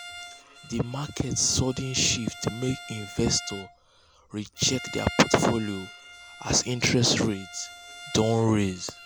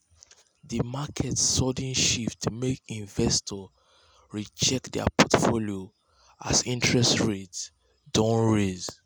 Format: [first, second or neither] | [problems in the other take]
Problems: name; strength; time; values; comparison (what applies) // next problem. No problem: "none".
second | background sound (Bowed string instrument); 16 dB below the speech